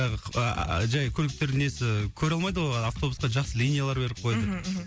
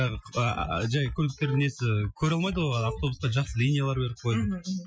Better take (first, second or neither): first